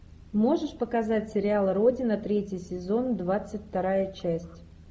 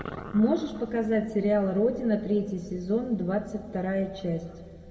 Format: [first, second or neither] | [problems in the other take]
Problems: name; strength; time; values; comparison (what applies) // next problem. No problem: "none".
first | room echo; dies away in 1.5 s